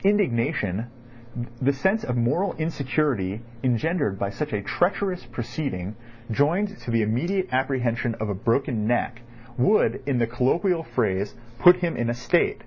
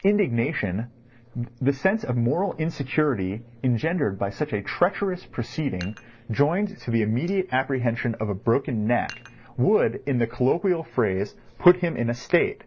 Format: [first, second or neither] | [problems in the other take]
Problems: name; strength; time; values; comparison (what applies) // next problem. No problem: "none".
first | noise reduction (neural separator model SepFormer DNS4)